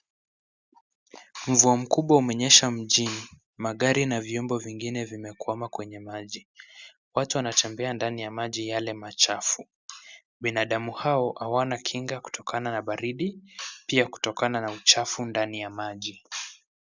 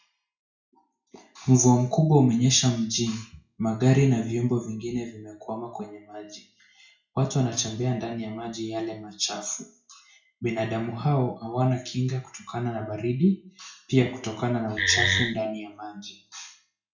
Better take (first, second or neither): first